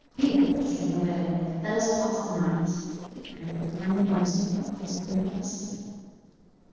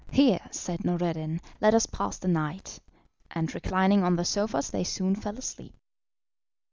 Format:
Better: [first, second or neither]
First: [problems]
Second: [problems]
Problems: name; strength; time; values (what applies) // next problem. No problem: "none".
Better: second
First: noise reduction (neural separator model SepFormer DNS4)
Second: none